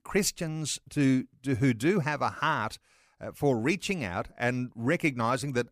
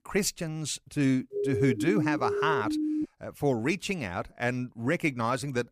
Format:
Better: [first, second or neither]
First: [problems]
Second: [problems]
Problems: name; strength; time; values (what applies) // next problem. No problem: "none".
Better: first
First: none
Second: siren; noticeable; from 1.5 to 3 s; peak level with the speech